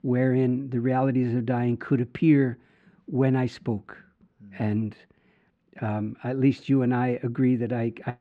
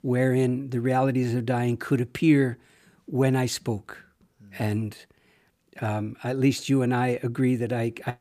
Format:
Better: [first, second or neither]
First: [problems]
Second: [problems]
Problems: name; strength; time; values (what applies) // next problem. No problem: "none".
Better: second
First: muffled; slightly; fading above 2.5 kHz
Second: none